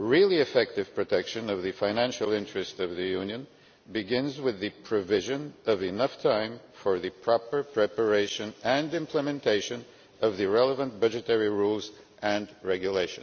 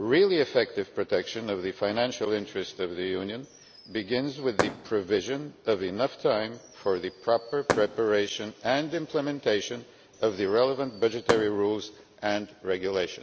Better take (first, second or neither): first